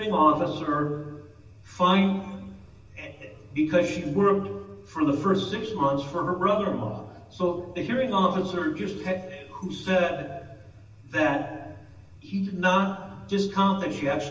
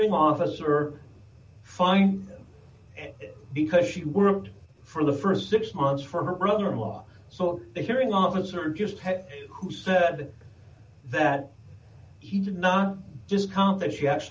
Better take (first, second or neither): second